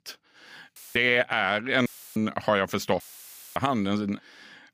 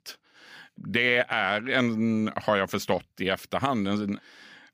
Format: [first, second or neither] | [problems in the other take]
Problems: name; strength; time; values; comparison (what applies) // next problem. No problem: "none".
second | audio cutting out; filled with static; at 1 s, at 2 s and at 3 s for 0.5 s